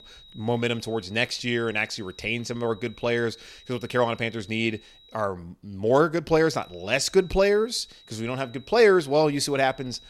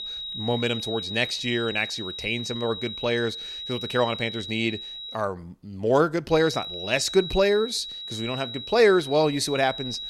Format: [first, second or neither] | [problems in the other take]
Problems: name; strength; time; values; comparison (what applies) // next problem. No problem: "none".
first | high-pitched whine; loud; until 5 s and from 6.5 s on; 4 kHz, 8 dB below the speech; faint in the first